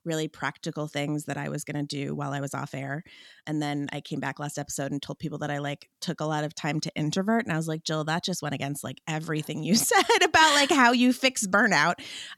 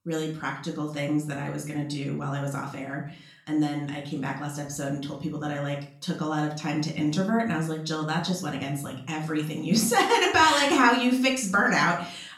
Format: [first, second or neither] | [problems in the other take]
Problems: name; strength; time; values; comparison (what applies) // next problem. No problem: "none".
first | off-mic speech; far // room echo; slight; dies away in 0.4 s